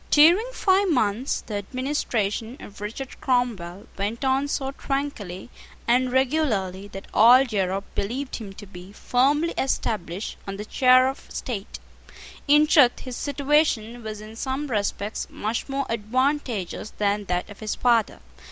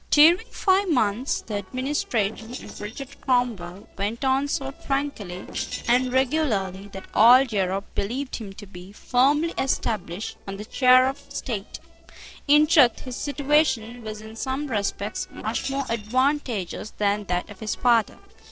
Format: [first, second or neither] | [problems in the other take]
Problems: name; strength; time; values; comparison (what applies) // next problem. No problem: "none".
first | noise reduction (neural separator model SepFormer DNS4)